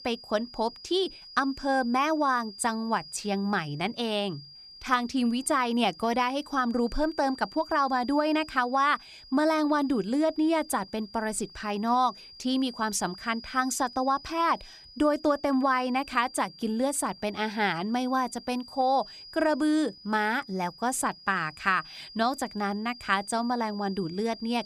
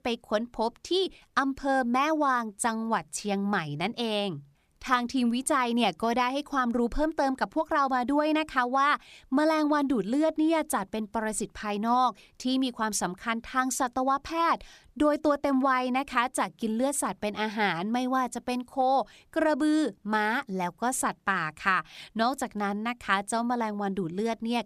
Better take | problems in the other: second | high-pitched whine; noticeable; throughout; 5 kHz, 20 dB below the speech

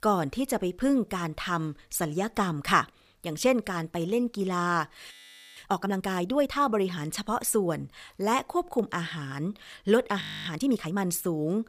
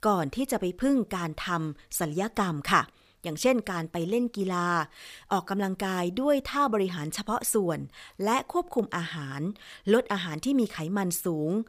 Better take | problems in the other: second | audio freezing; at 5 s and at 10 s

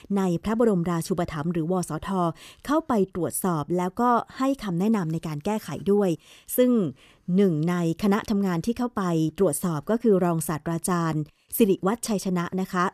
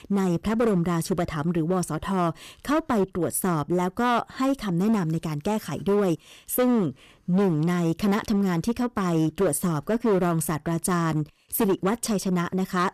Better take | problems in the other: first | distortion; slight; 9% of the sound clipped

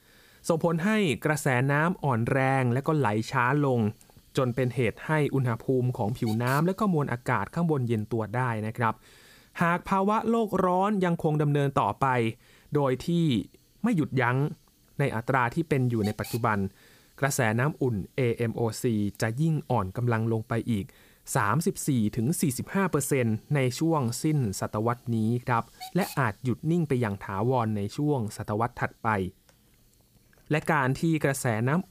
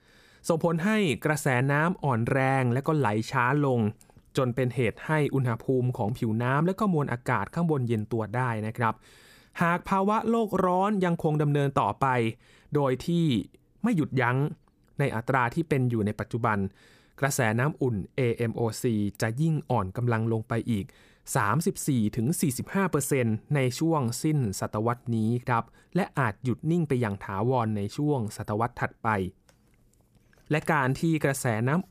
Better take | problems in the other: second | hiss; faint; throughout; 25 dB below the speech

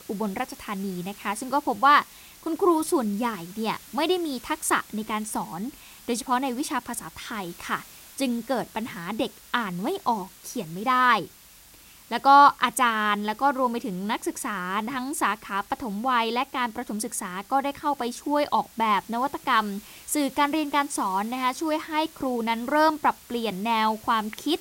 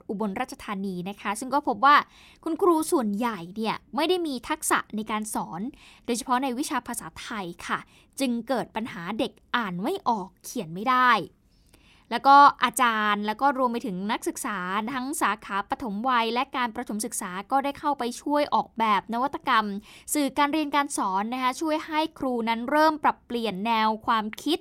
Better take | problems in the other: second | hiss; faint; throughout; 20 dB below the speech

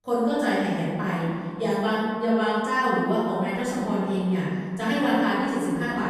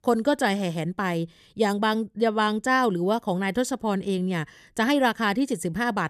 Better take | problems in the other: second | room echo; strong; dies away in 2.3 s // off-mic speech; far

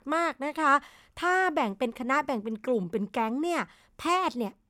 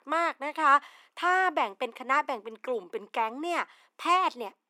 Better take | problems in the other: first | thin; somewhat; fading below 300 Hz

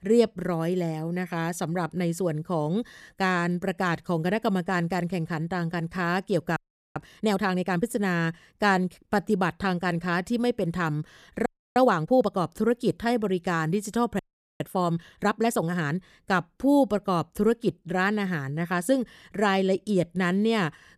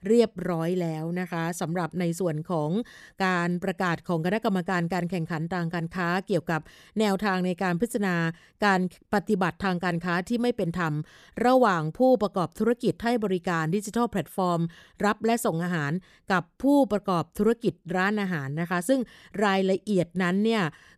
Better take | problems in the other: second | audio freezing; at 6.5 s, at 11 s and at 14 s

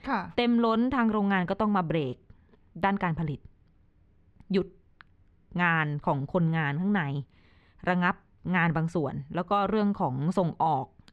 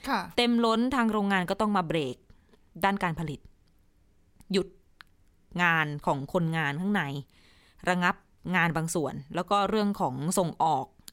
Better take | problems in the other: second | muffled; slightly; fading above 2.5 kHz

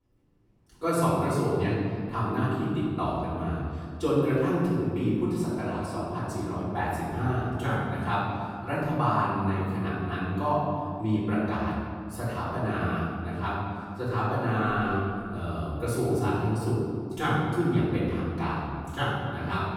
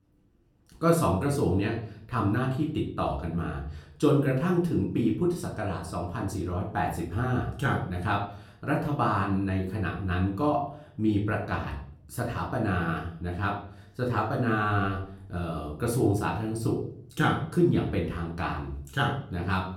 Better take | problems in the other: second | room echo; strong; dies away in 2 s; slight in the second // off-mic speech; far; far in the second

